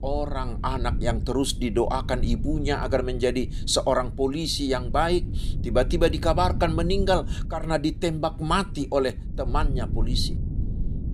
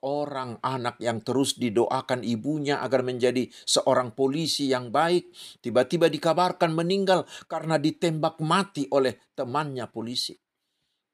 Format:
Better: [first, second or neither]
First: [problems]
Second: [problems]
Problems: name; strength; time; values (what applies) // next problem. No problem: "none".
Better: second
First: low rumble; noticeable; throughout; 20 dB below the speech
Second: none